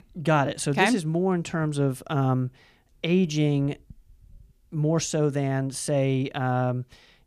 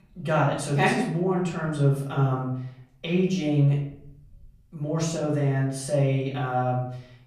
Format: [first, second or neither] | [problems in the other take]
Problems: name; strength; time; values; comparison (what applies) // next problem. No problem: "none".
first | off-mic speech; far // room echo; noticeable; dies away in 0.6 s